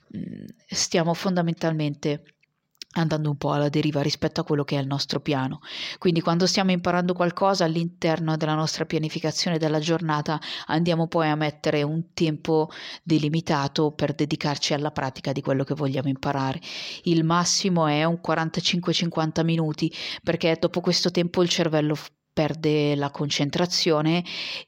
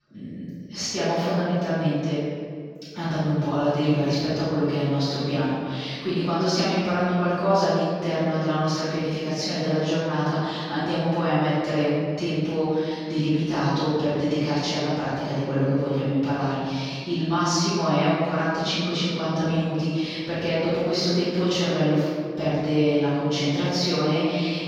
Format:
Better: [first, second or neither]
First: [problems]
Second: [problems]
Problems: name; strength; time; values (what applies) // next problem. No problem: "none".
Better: first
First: none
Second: off-mic speech; far // room echo; strong; dies away in 1.8 s